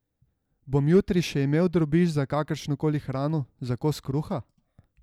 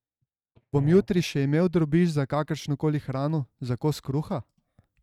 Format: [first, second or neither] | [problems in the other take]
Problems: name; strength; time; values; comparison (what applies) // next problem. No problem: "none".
first | noise reduction (neural mask model RNNoise)